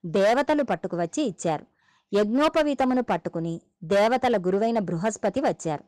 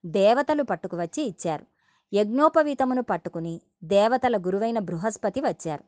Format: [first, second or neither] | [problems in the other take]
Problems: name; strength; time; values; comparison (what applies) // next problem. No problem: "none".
second | distortion; slight; 8% of the sound clipped